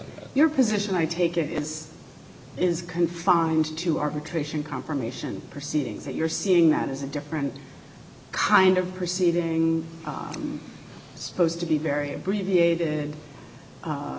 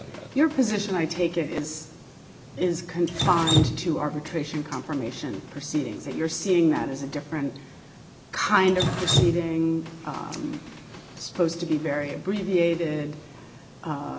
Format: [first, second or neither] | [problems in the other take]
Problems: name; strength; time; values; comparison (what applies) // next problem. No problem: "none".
first | background sound (Drip); 7 dB below the speech